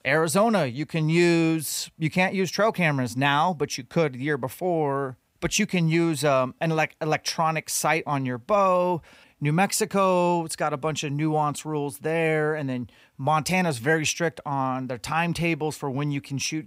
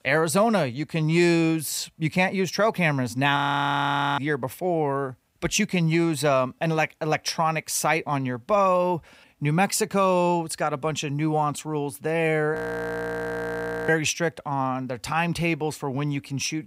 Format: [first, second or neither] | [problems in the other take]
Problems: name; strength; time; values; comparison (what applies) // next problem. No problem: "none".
first | audio freezing; at 3.5 s for 1 s and at 13 s for 1.5 s